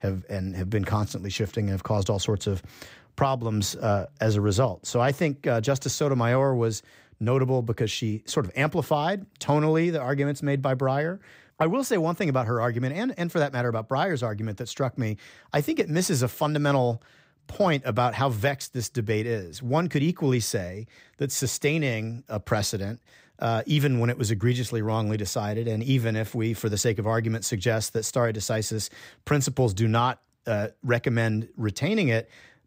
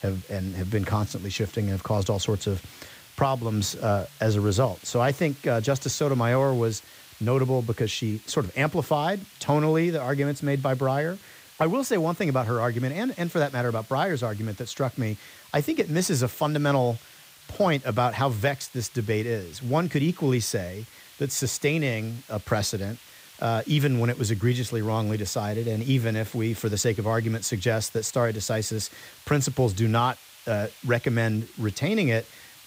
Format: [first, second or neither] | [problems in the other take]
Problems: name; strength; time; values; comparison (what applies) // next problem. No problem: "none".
first | hiss; faint; throughout; 20 dB below the speech